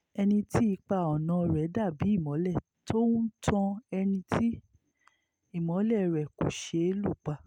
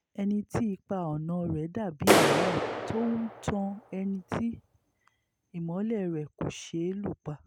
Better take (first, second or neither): first